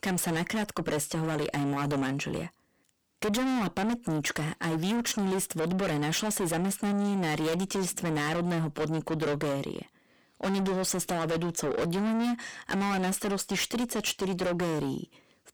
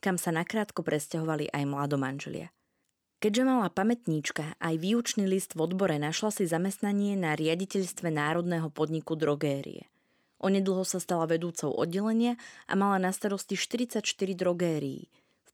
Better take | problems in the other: second | distortion; heavy; 5 dB below the speech

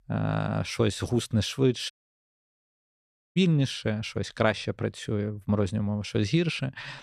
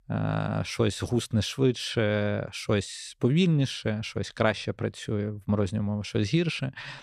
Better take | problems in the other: second | audio cutting out; at 2 s for 1.5 s

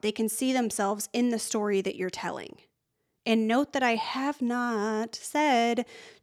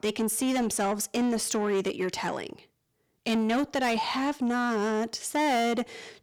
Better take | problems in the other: first | distortion; slight; 10 dB below the speech

